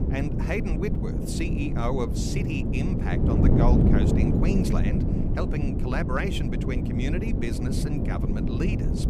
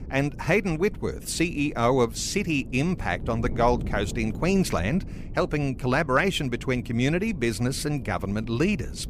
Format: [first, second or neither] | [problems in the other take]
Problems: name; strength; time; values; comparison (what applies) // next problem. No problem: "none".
second | wind noise on the microphone; heavy; as loud as the speech; occasional gusts in the second